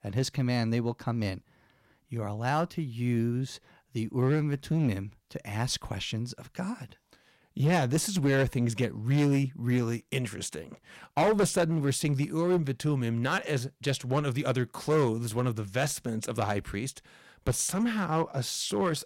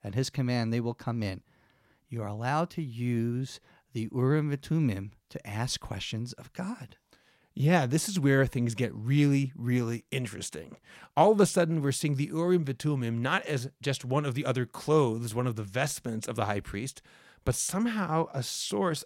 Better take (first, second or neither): second